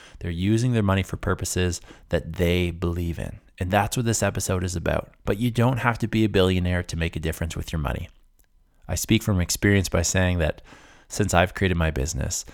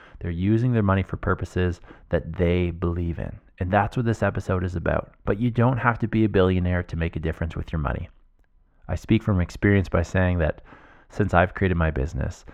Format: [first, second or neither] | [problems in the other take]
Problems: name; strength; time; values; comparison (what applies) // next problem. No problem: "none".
first | muffled; very; fading above 4 kHz